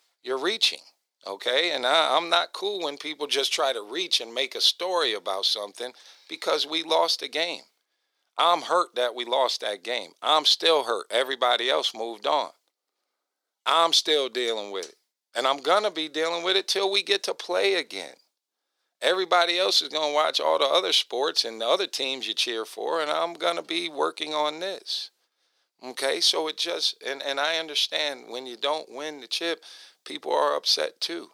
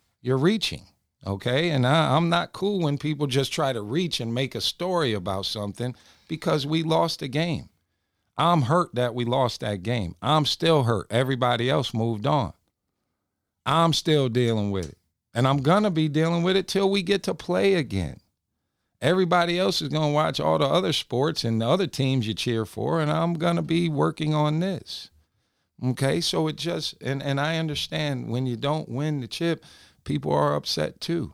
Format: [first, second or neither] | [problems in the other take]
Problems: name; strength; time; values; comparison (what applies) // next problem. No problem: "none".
second | thin; very; fading below 400 Hz